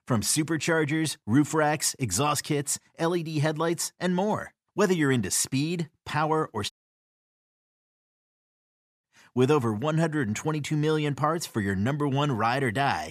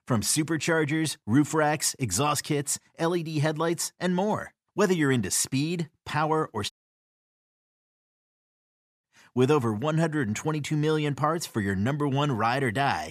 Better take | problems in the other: neither | audio cutting out; at 6.5 s for 2.5 s; the same in both

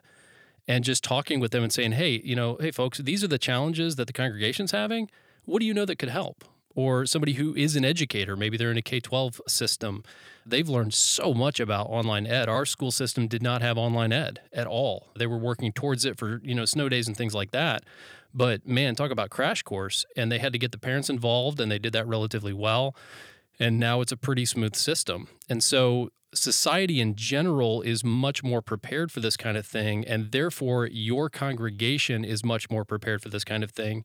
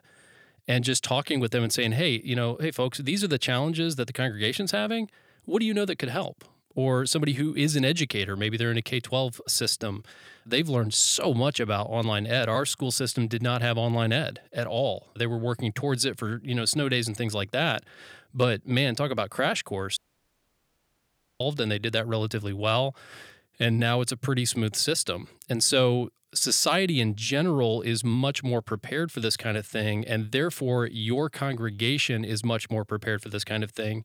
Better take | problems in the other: first | audio cutting out; at 20 s for 1.5 s

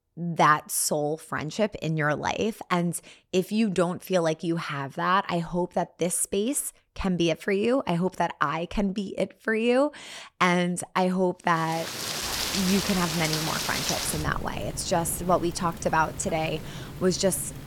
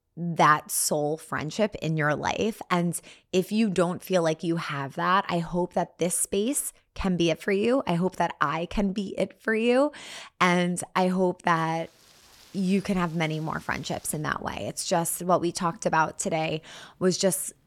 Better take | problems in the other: second | rain or running water; loud; from 12 s on; 5 dB below the speech; faint in the second

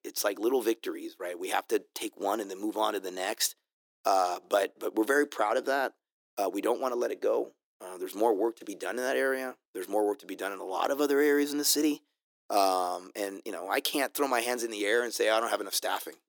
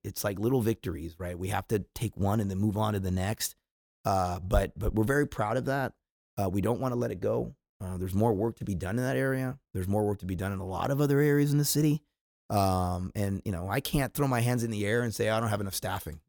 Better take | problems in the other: second | thin; somewhat; fading below 300 Hz

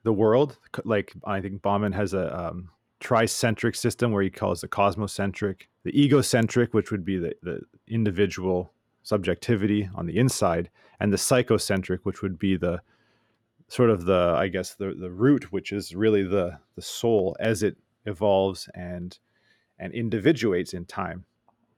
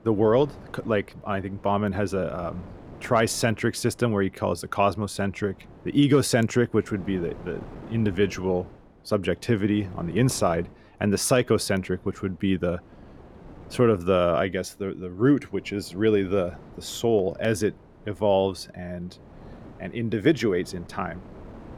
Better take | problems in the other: first | wind noise on the microphone; occasional gusts; 25 dB below the speech

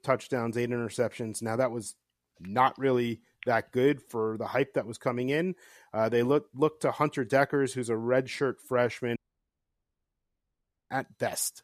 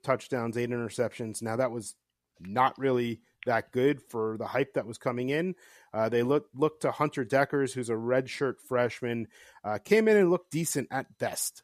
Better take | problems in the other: second | audio cutting out; at 9 s for 1.5 s

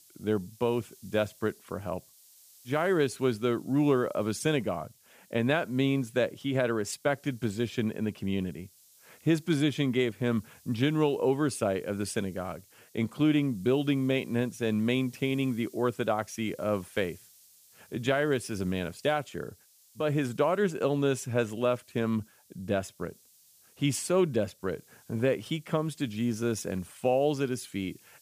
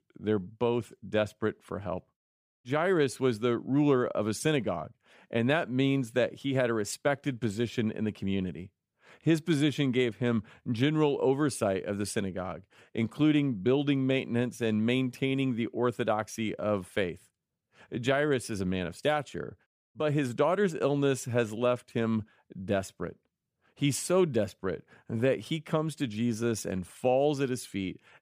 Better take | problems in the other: second | hiss; faint; throughout; 25 dB below the speech

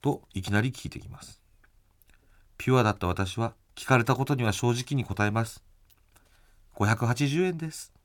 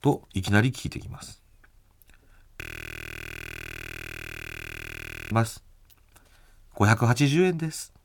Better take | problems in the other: first | audio freezing; at 2.5 s for 2.5 s

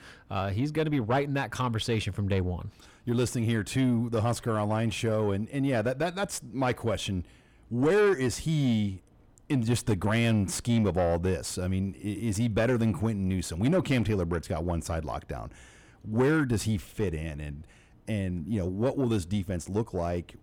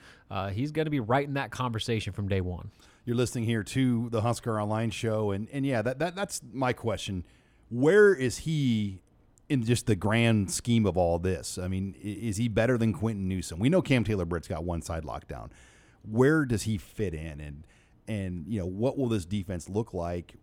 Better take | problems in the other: second | distortion; slight; 10 dB below the speech

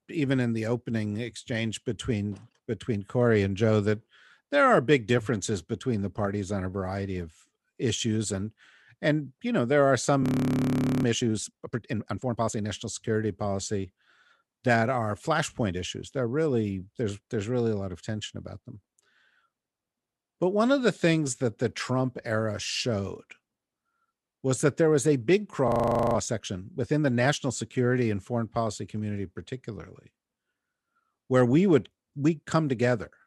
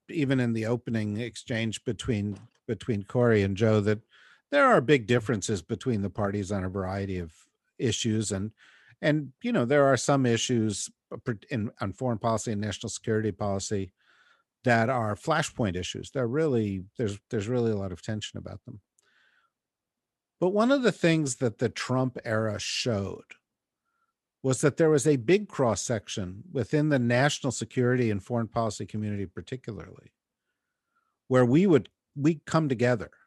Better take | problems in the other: second | audio freezing; at 10 s for 1 s and at 26 s

